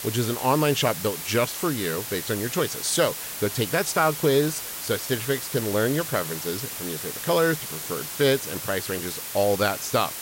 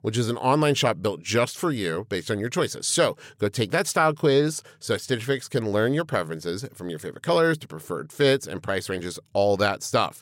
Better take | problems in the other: second | hiss; loud; throughout; 6 dB below the speech

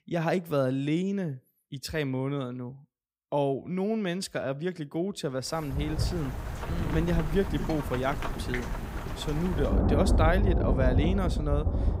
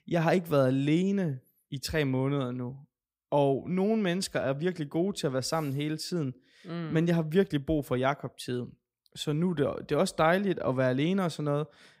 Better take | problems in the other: second | rain or running water; very loud; from 6 s on; as loud as the speech

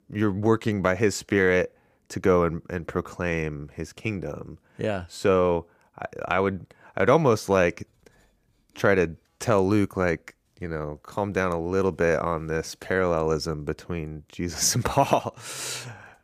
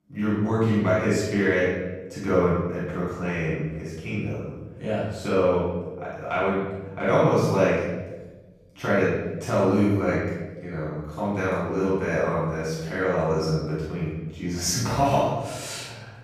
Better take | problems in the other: first | off-mic speech; far // room echo; strong; dies away in 1.1 s

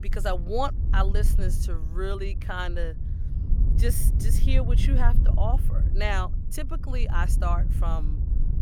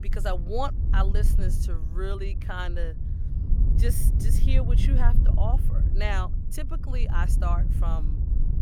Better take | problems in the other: first | wind noise on the microphone; heavy; 8 dB below the speech; occasional gusts in the first

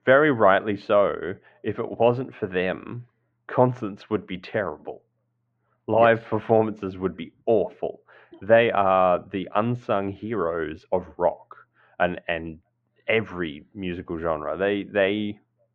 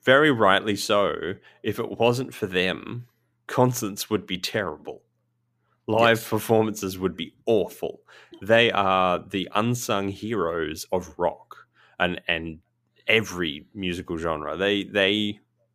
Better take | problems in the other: second | muffled; very; fading above 2 kHz

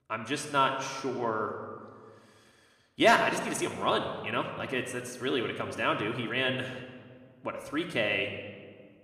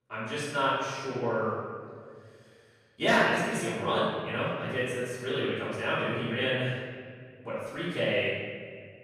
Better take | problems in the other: first | room echo; strong; dies away in 1.9 s; slight in the first // off-mic speech; far

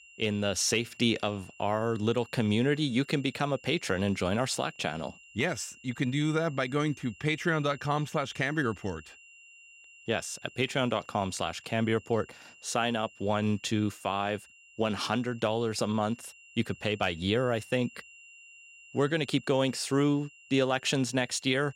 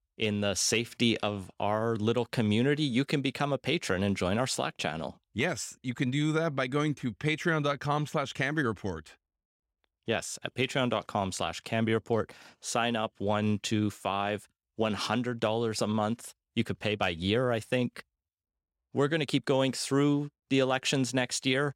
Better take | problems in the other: second | high-pitched whine; faint; throughout; 3 kHz, 20 dB below the speech

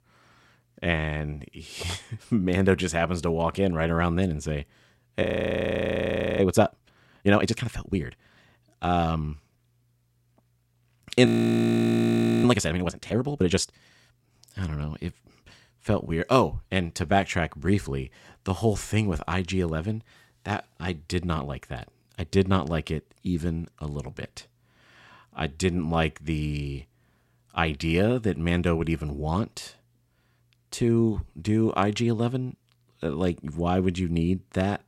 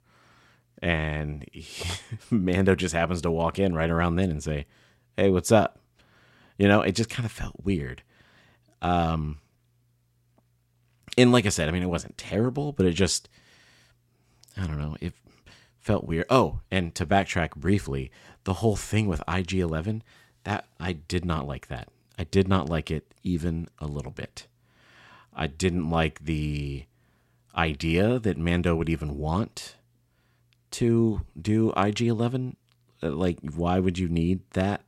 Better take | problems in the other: second | audio freezing; at 5 s for 1 s and at 11 s for 1 s

